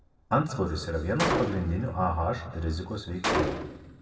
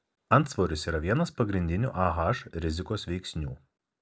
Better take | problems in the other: second | background sound (Gunshot, gunfire); 4 dB below the speech // room echo; dies away in 1.5 s

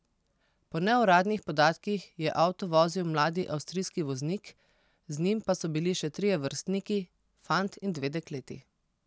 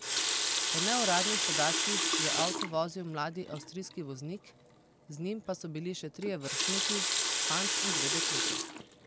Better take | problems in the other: first | background sound (Water tap, faucet); 4 dB above the speech

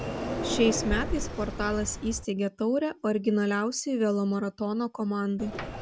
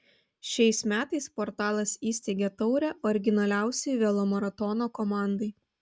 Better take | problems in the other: second | background sound (Sliding door); 7 dB below the speech

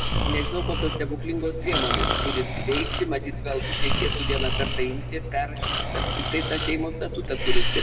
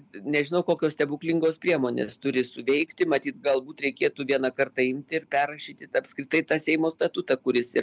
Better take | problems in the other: second | background sound (Breathing); 4 dB above the speech // room echo; dies away in 1.2 s

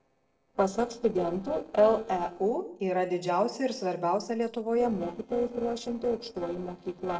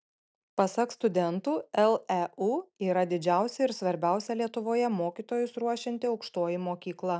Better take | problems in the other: second | noise reduction (neural separator model SepFormer DNS4)

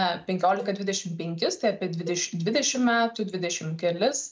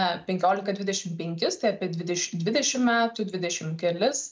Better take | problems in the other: second | background sound (Cowbell); 20 dB below the speech

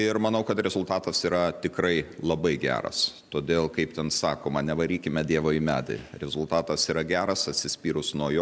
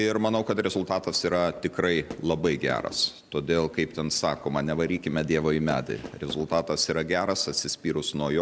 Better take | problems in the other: first | background sound (Fireworks); 19 dB below the speech

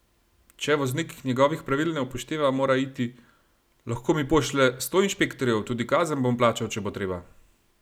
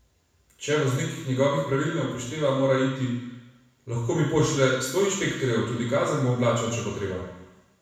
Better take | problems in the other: first | room echo; dies away in 1 s

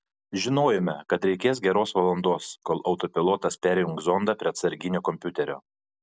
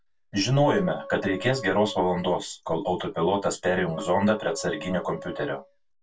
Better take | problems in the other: first | background sound (Wind instrument, woodwind instrument); 15 dB below the speech // room echo; dies away in 0.1 s

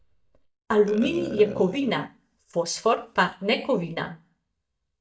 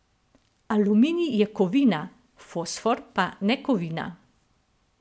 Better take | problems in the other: second | noise reduction (neural mask model DeepFilterNet 3)

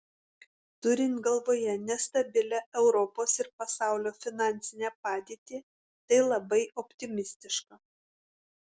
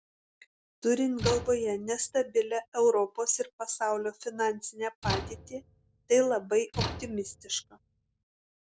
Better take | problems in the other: first | background sound (Slam / Tools); 8 dB below the speech

